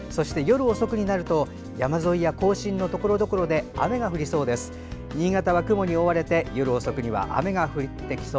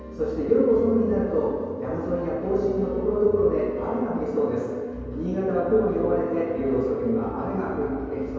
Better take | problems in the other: first | room echo; dies away in 2.2 s

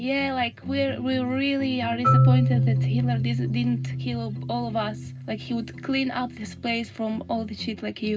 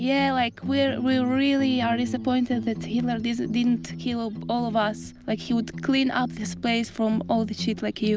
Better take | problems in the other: second | background sound (Marimba, xylophone); as loud as the speech // room echo; dies away in 0.2 s

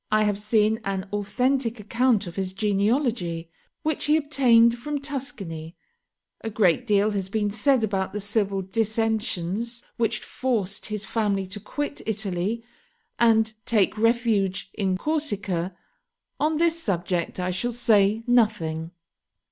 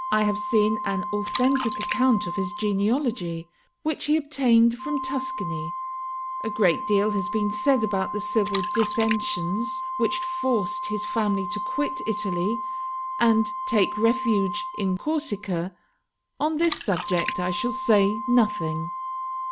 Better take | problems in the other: first | background sound (Organ + Splash, splatter); 6 dB below the speech

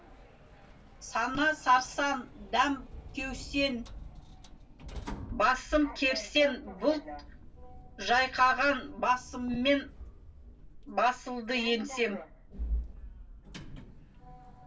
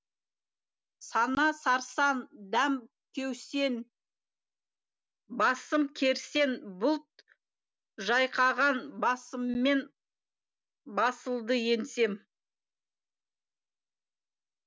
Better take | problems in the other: second | background sound (Sliding door); 12 dB below the speech // room echo; dies away in 0.2 s

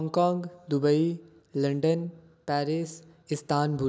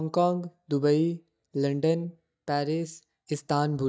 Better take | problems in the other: first | noise reduction (neural mask model DeepFilterNet 3)

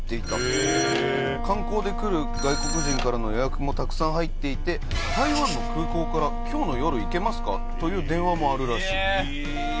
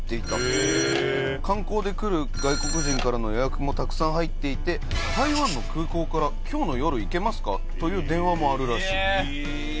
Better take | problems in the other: second | background sound (Wind instrument, woodwind instrument); 12 dB below the speech

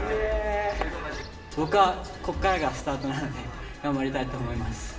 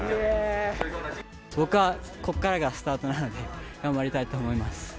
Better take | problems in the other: second | background sound (Bird); 15 dB below the speech // room echo; dies away in 1.3 s

